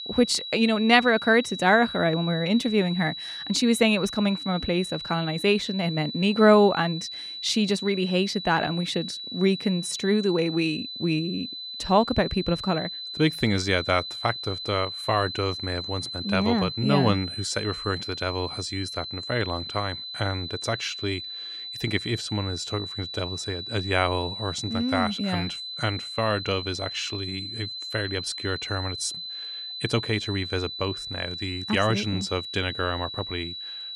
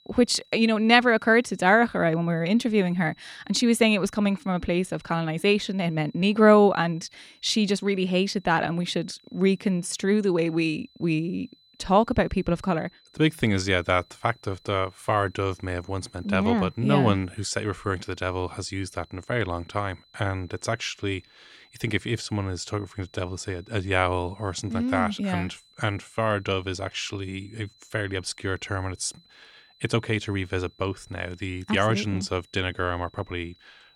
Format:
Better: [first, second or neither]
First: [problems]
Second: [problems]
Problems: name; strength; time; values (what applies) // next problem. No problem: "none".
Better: second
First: high-pitched whine; loud; throughout; 4 kHz, 7 dB below the speech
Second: high-pitched whine; faint; throughout; 4 kHz, 30 dB below the speech